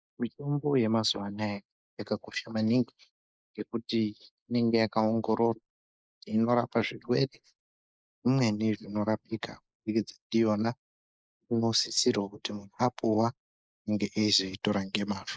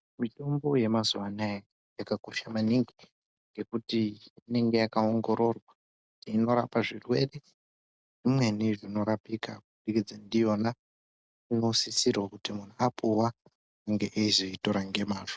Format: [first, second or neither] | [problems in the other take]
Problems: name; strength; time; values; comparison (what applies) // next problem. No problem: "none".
second | noise reduction (neural mask model Resemble Enhance denoiser)